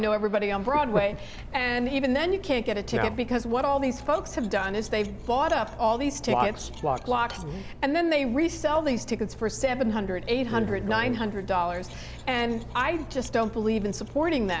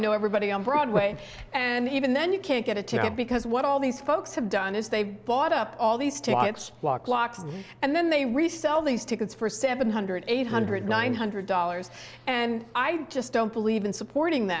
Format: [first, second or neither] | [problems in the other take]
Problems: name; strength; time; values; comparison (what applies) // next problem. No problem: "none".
second | background sound (Cutlery, silverware); 13 dB below the speech